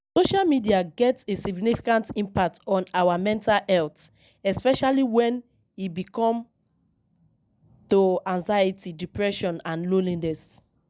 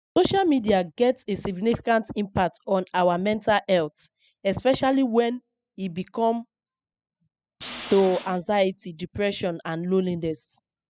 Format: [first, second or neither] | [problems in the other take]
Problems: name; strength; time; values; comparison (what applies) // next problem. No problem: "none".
first | noise reduction (classical method spectral subtraction)